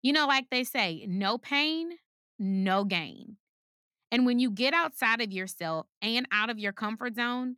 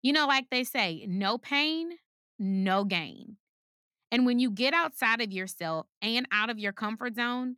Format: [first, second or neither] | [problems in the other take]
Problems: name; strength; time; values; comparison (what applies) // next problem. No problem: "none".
neither | none